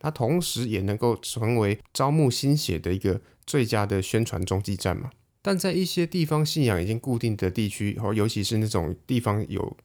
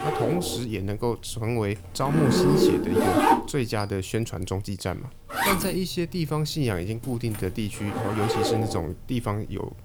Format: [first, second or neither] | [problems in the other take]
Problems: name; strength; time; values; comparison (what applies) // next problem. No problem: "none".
first | household noises; very loud; throughout; 3 dB above the speech